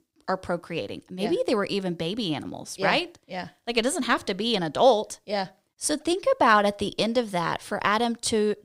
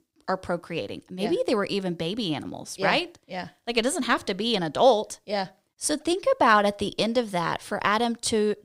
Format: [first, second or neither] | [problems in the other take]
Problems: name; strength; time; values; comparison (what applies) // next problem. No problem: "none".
neither | none